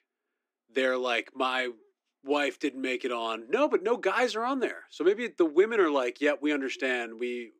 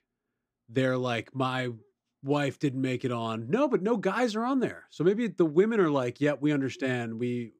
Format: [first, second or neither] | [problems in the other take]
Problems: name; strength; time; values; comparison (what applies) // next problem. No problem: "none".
second | thin; somewhat; fading below 300 Hz